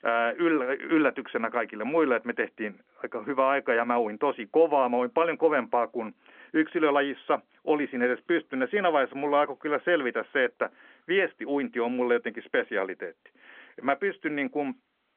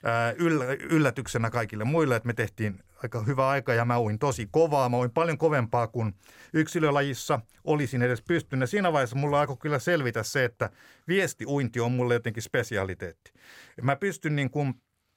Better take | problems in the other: second | phone-call audio; nothing above 3.5 kHz

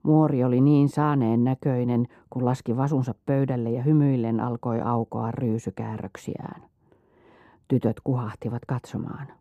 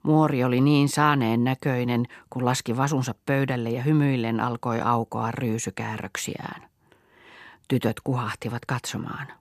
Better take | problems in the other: second | muffled; slightly; fading above 1 kHz

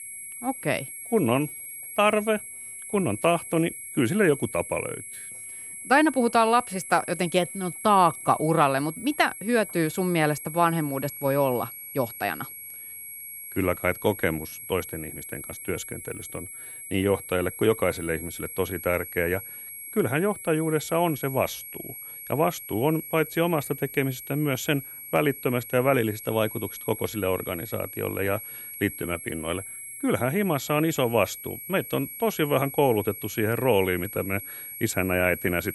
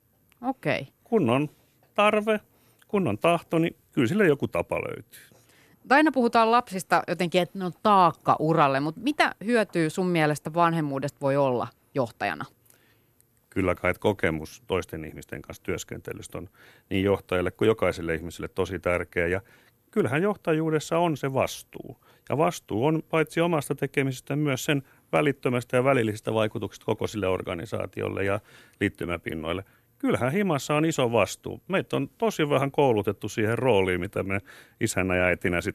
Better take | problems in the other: second | high-pitched whine; noticeable; throughout; 11.5 kHz, 10 dB below the speech

